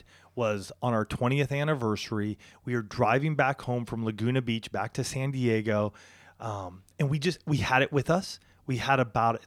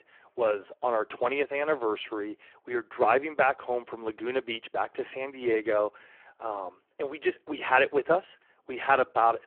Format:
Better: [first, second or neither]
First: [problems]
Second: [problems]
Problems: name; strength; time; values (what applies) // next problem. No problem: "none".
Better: first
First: none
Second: phone-call audio; poor line